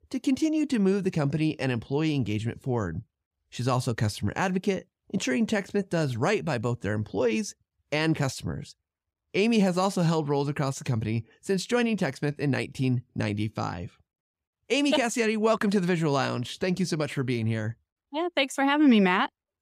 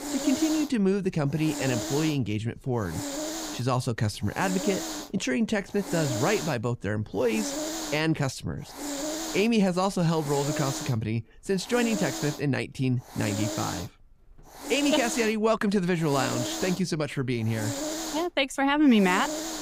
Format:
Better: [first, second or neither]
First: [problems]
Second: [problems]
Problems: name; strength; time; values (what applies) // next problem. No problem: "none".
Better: first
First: none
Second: hiss; loud; throughout; 7 dB below the speech